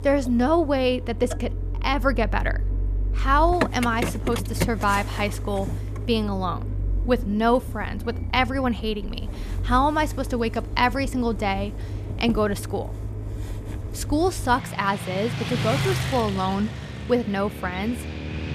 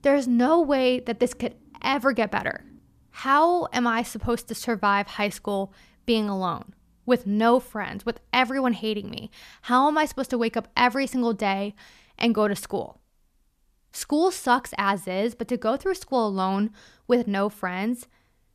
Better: second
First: traffic noise; loud; throughout; 6 dB below the speech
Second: none

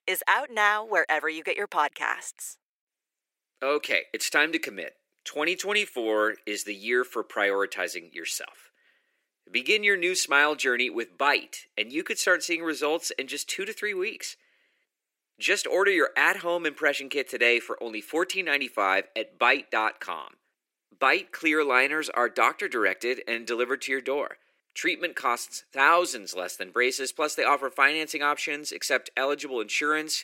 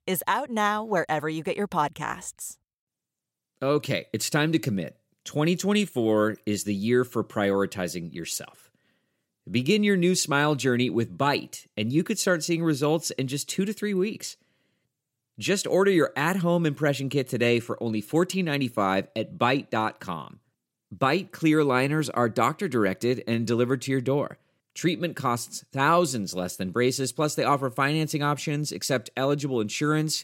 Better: second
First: thin; very; fading below 350 Hz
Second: none

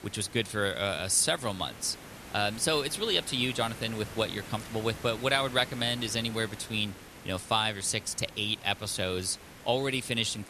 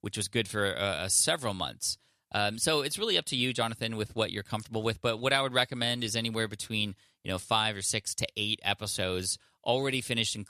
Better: second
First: hiss; noticeable; throughout; 15 dB below the speech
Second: none

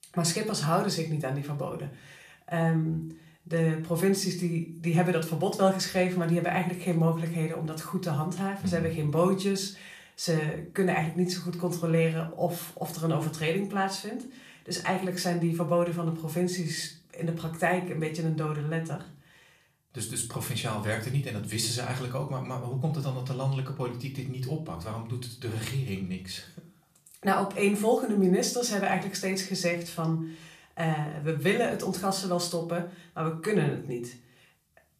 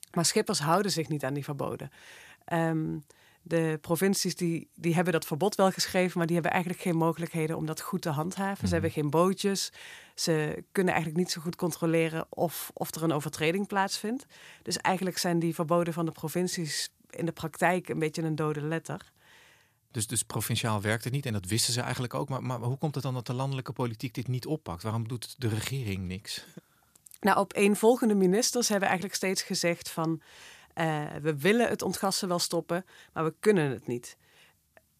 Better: second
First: off-mic speech; far // room echo; slight; dies away in 0.4 s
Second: none

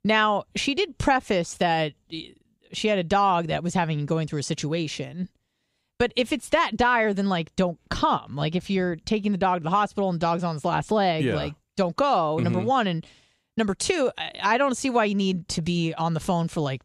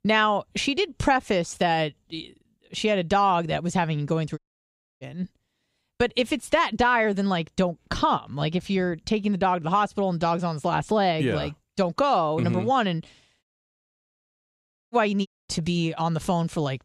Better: first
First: none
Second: audio cutting out; at 4.5 s for 0.5 s, at 13 s for 1.5 s and at 15 s

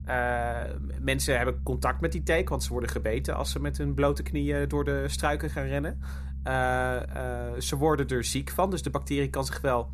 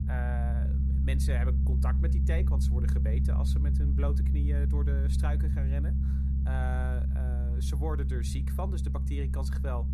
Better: first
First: low rumble; faint; throughout; 25 dB below the speech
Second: low rumble; loud; throughout; 2 dB below the speech

